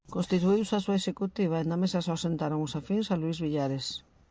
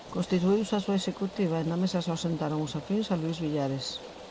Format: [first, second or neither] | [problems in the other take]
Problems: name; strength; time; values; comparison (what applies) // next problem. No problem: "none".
first | background sound (Rain); 16 dB below the speech